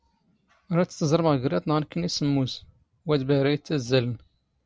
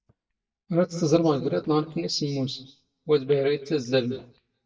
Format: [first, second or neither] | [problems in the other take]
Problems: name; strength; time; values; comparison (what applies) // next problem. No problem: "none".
first | noise reduction (neural mask model DeepFilterNet 3)